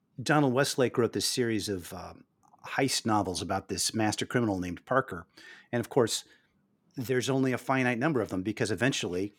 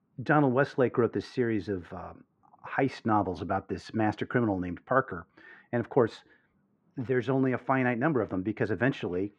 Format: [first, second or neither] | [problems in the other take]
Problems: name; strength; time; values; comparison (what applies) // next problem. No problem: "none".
first | muffled; very; fading above 1.5 kHz